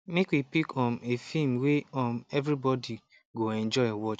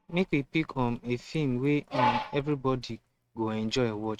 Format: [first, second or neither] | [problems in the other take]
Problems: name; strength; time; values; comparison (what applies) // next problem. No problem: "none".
first | noise reduction (neural mask model RNNoise)